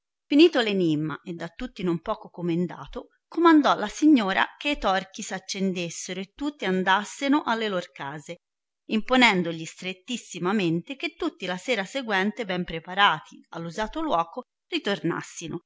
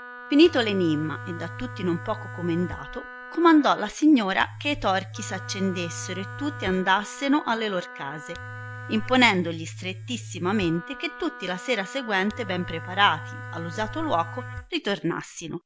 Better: first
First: none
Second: background sound (Domestic sounds, home sounds + Wind instrument, woodwind instrument); 13 dB below the speech

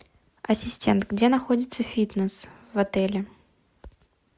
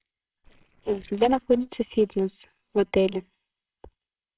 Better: first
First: none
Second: noise reduction (neural separator model SepFormer WHAMR!)

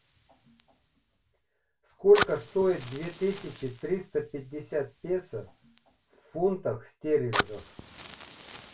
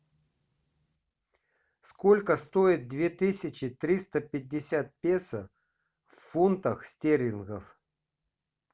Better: second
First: background sound (Fire); 10 dB below the speech // room echo; dies away in 0.2 s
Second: none

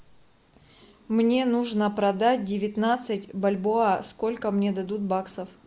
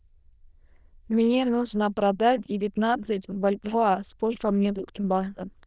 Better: first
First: none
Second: noise reduction (neural diffusion model UNIVERSE++)

